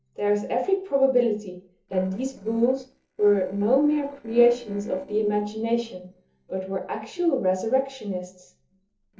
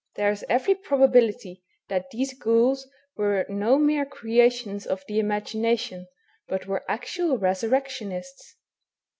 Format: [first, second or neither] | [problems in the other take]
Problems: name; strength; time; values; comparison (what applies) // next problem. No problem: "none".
second | noise reduction (neural separator model SepFormer DNS4)